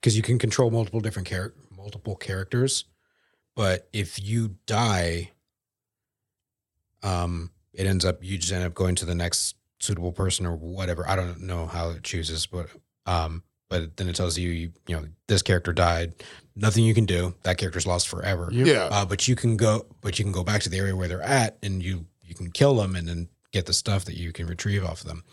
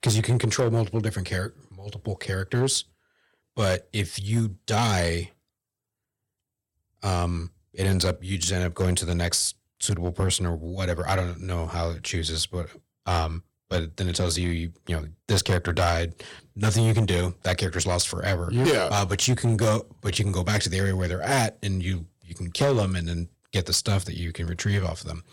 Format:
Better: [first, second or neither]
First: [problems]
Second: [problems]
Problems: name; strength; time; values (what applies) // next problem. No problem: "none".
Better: first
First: none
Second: distortion; slight; 5% of the sound clipped